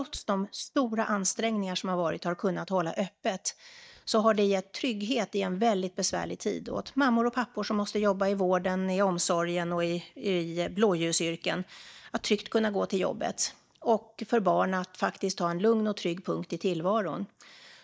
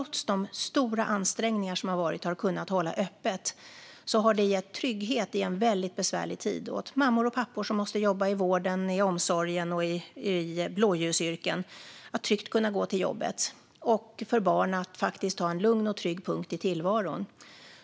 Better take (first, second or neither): second